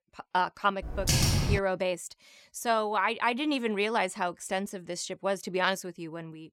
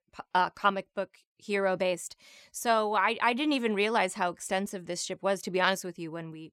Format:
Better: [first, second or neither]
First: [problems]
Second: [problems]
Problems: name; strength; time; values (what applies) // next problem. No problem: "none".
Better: second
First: keyboard typing; loud; at 1 s; peak 6 dB above the speech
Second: none